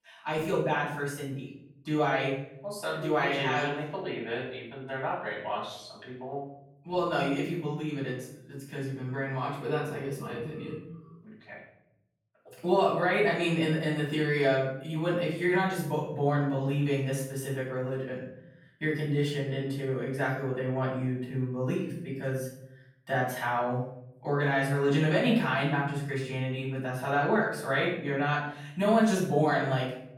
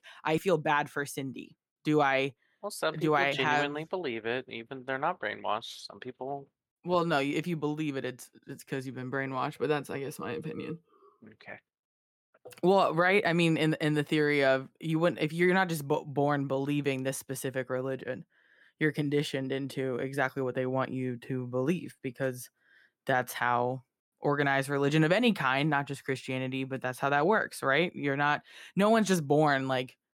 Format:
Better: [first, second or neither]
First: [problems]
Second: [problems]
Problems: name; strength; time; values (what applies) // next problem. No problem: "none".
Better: second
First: off-mic speech; far // room echo; noticeable; dies away in 0.7 s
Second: none